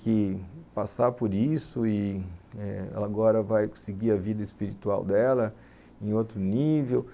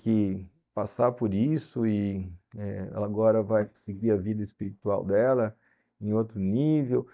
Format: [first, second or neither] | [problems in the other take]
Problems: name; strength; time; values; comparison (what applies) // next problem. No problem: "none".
first | noise reduction (neural mask model DeepFilterNet 3)